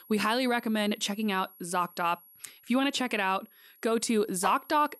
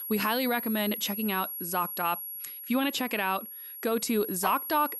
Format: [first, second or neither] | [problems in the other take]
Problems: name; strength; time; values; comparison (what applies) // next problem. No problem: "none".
first | high-pitched whine; loud; throughout; 11.5 kHz, 6 dB below the speech; faint in the first